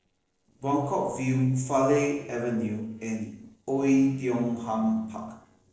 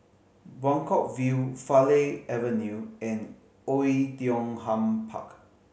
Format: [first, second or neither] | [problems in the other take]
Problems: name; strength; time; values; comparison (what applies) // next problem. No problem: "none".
second | noise reduction (neural separator model SepFormer DNS4)